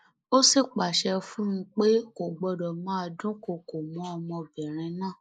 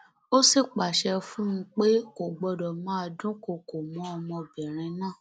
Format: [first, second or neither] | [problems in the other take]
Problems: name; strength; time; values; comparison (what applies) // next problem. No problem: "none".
second | noise reduction (neural mask model Resemble Enhance denoiser)